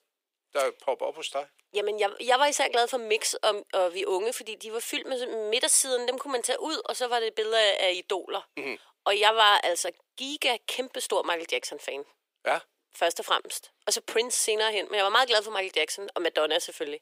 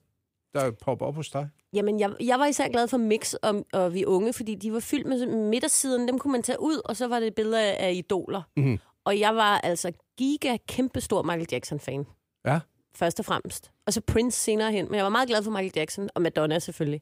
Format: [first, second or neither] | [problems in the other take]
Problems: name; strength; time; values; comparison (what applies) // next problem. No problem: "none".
second | thin; very; fading below 450 Hz